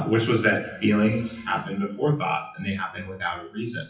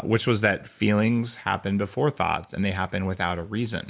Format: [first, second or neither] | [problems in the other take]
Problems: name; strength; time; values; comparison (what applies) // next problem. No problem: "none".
second | noise reduction (classical method WPE with log-MMSE)